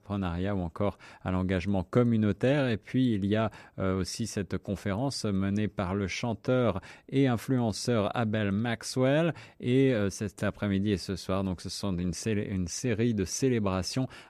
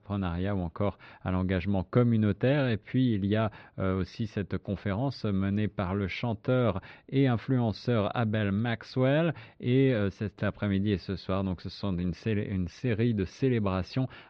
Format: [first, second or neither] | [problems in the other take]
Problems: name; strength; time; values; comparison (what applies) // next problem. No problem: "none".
first | muffled; slightly; fading above 4 kHz